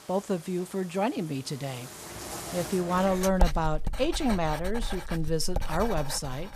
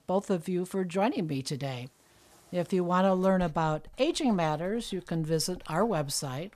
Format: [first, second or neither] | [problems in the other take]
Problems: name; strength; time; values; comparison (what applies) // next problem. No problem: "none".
second | household noises; loud; throughout; 7 dB below the speech; faint in the second